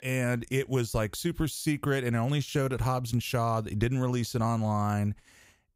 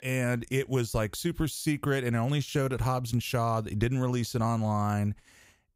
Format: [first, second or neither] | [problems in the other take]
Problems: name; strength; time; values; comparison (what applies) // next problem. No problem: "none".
neither | none